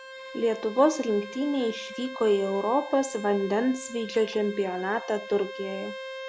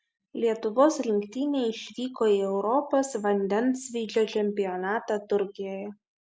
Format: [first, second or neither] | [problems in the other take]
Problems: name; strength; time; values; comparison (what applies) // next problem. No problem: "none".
second | background sound (Bowed string instrument); 13 dB below the speech